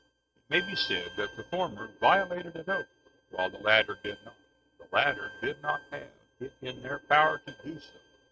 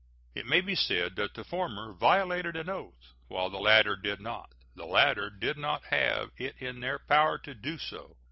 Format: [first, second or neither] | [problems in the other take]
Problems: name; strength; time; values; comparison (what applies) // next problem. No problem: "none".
second | noise reduction (neural mask model RNNoise)